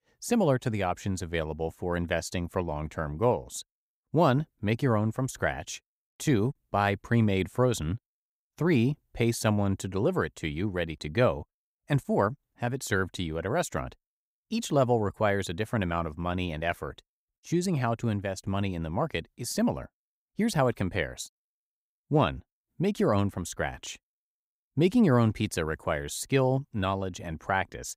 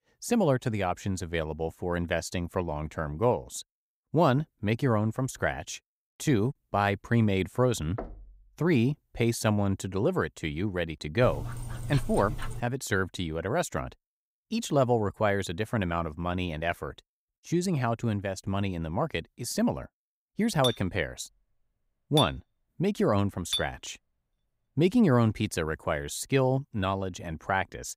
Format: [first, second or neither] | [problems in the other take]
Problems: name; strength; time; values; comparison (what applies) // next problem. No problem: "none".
first | door banging; faint; at 8 s; peak 15 dB below the speech // dog barking; noticeable; from 11 to 13 s; peak 9 dB below the speech // clattering dishes; noticeable; from 21 to 24 s; peak 2 dB below the speech